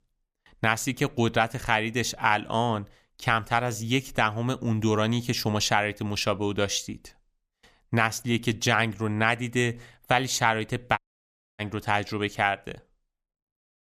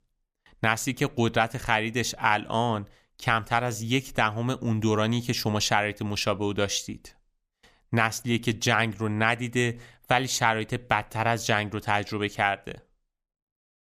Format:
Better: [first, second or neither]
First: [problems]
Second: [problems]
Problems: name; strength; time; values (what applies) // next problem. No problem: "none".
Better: second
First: audio cutting out; at 11 s for 0.5 s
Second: none